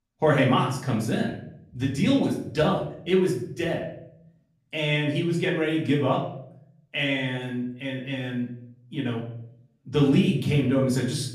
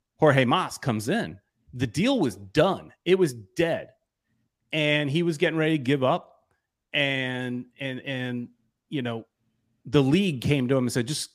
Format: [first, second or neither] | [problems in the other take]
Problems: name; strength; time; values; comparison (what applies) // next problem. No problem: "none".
second | off-mic speech; far // room echo; slight; dies away in 0.6 s